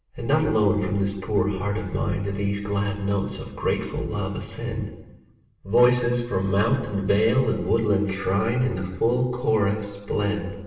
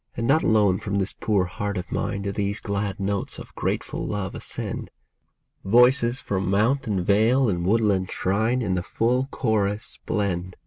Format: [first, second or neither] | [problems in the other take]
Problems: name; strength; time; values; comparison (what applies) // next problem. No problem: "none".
second | room echo; dies away in 1 s